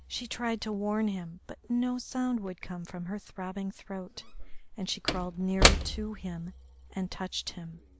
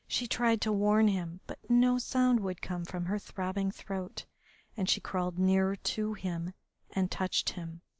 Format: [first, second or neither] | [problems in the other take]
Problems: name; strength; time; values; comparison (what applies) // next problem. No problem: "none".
second | background sound (Slam / Wood); as loud as the speech